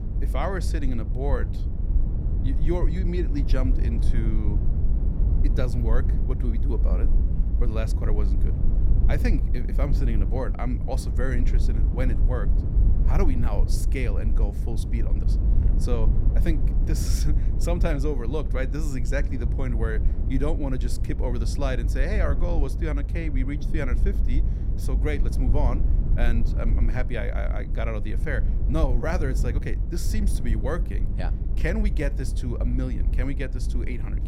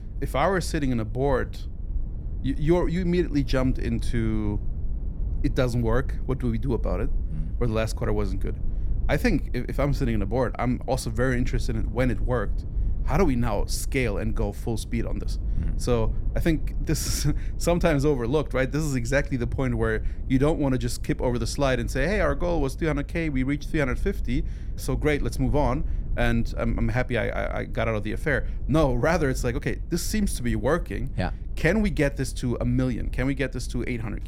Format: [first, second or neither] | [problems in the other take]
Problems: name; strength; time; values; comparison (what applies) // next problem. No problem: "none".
second | low rumble; loud; throughout; 8 dB below the speech; faint in the second